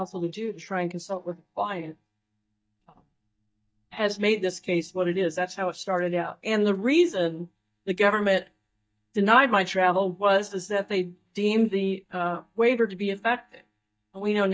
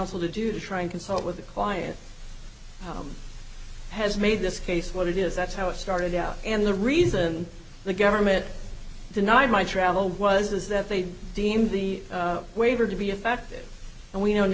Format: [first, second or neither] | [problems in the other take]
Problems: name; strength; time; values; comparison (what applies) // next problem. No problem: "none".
second | noise reduction (neural mask model DeepFilterNet 3)